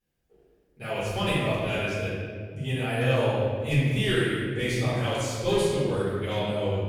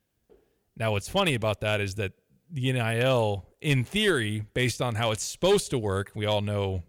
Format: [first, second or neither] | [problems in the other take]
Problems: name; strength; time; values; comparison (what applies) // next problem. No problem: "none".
second | room echo; strong; dies away in 1.8 s // off-mic speech; far